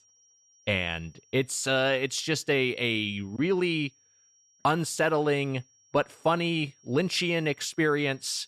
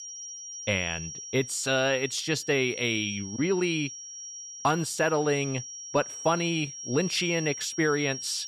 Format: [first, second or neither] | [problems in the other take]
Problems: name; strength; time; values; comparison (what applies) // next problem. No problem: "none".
first | high-pitched whine; loud; throughout; 5.5 kHz, 9 dB below the speech; faint in the first